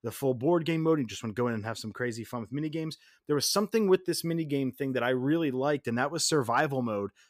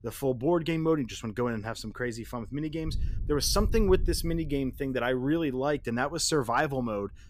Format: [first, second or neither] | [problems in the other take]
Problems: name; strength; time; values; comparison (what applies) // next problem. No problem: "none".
first | wind noise on the microphone; occasional gusts; 25 dB below the speech